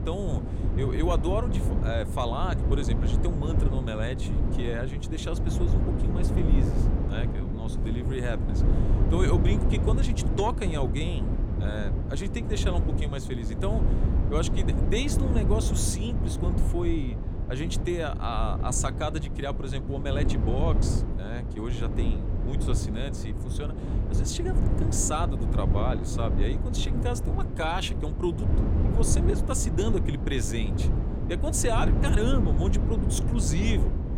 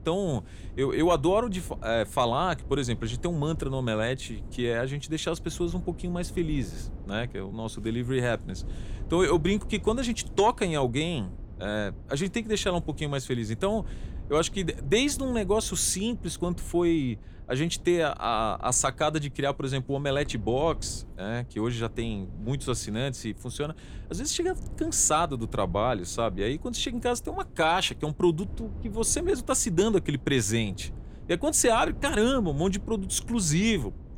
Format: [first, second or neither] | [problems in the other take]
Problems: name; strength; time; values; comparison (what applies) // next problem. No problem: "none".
second | wind noise on the microphone; heavy; 5 dB below the speech; occasional gusts in the second